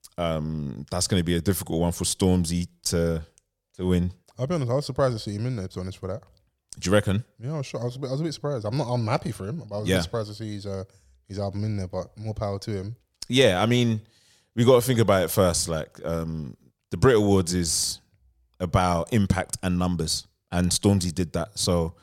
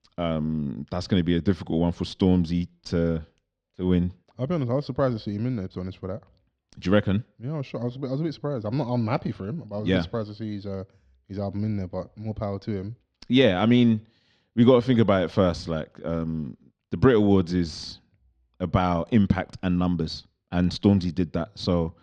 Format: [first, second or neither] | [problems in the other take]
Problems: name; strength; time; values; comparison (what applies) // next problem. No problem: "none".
first | muffled; slightly; fading above 4 kHz